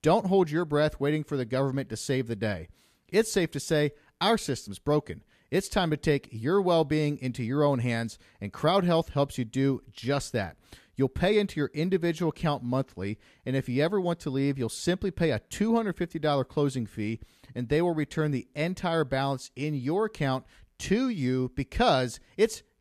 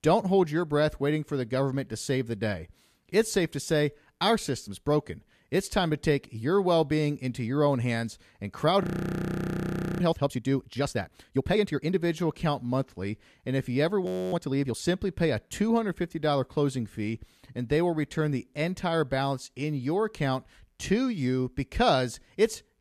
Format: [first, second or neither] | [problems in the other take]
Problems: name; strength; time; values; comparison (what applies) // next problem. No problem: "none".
first | audio freezing; at 9 s for 1 s and at 14 s